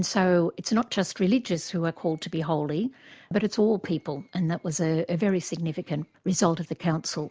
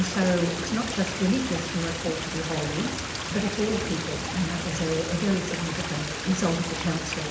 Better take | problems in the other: first | background sound (Stream); 4 dB below the speech // room echo; dies away in 0.8 s

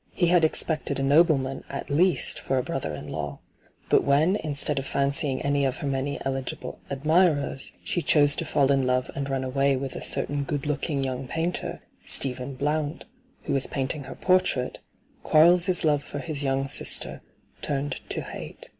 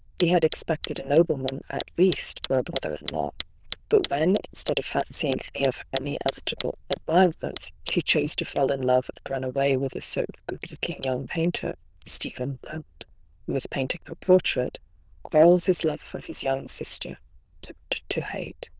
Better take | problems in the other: first | noise reduction (neural diffusion model UNIVERSE++)

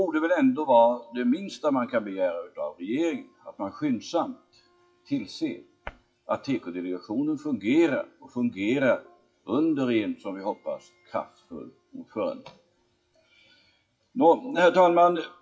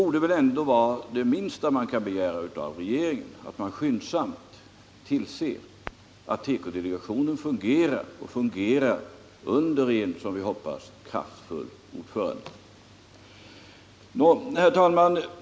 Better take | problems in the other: second | noise reduction (classical method WPE with log-MMSE)

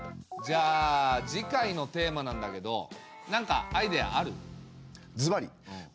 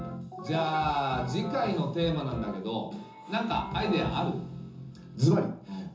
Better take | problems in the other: first | room echo; dies away in 0.6 s

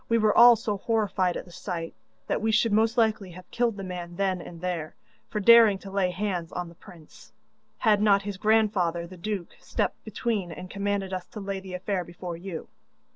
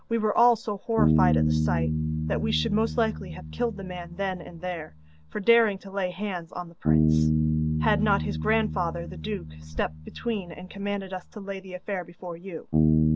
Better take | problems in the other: first | background sound (Bass guitar); as loud as the speech

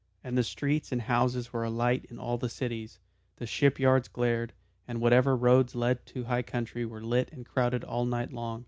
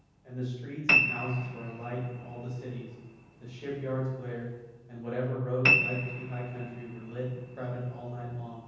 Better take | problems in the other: first | background sound (Piano); 2 dB above the speech // room echo; dies away in 1.1 s

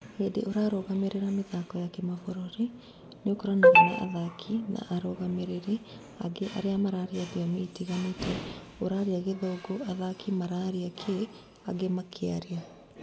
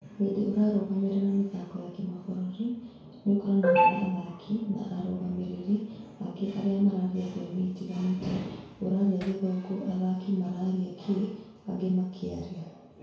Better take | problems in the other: first | background sound (Hammer); 19 dB below the speech // room echo; dies away in 0.6 s

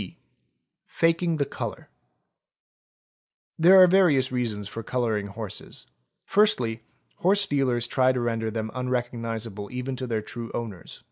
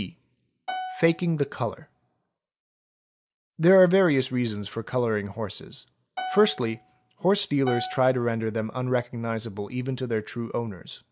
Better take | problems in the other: first | background sound (Piano); 12 dB below the speech

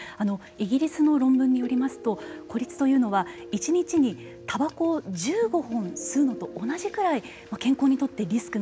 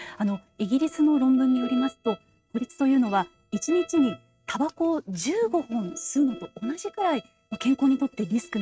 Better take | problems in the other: first | noise reduction (neural mask model RNNoise)

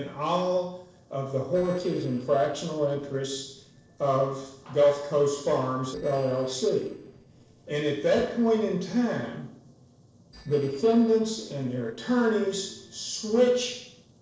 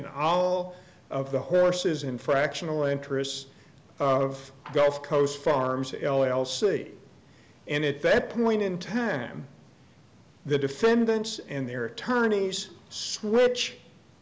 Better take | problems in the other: second | noise reduction (neural separator model SepFormer DNS4)

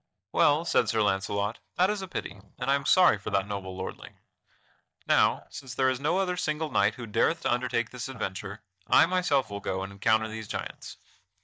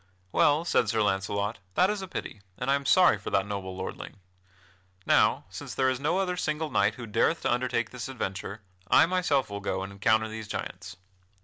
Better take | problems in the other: second | noise reduction (neural mask model DeepFilterNet 3)

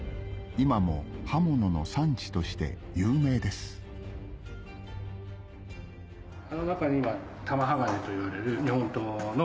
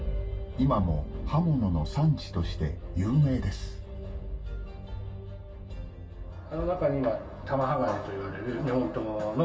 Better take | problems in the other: first | room echo; dies away in 0.1 s

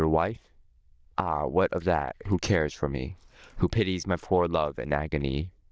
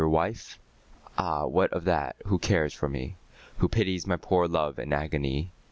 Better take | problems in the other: second | noise reduction (neural diffusion model UNIVERSE++)

